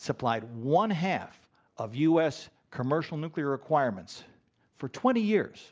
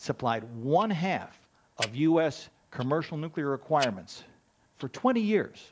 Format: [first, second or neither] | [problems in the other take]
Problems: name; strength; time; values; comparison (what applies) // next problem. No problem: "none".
first | background sound (Tick-tock); 17 dB below the speech